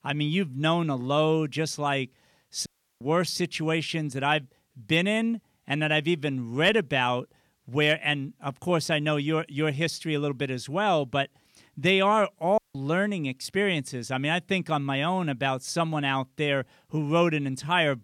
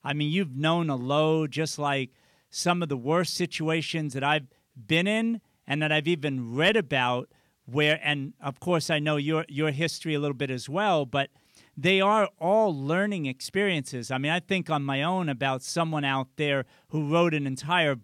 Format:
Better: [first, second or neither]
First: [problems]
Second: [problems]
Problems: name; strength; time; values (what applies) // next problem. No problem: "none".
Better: second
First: audio cutting out; at 2.5 s and at 13 s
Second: none